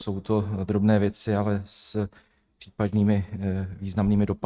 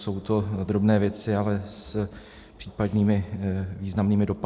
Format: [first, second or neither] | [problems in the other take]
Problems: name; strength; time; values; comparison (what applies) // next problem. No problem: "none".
second | noise reduction (neural mask model RNNoise)